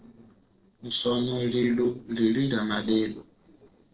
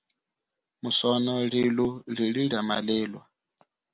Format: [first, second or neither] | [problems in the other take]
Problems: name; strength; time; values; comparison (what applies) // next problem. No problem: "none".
second | noise reduction (neural separator model SepFormer DNS4)